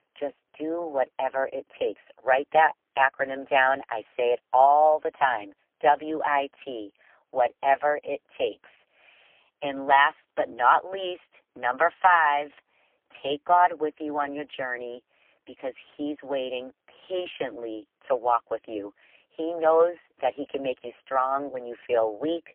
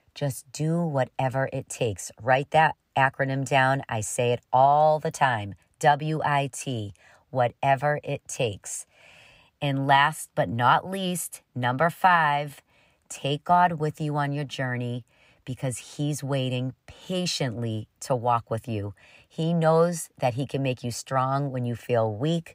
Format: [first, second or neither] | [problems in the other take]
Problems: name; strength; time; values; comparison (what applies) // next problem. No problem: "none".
second | phone-call audio; poor line; nothing above 3.5 kHz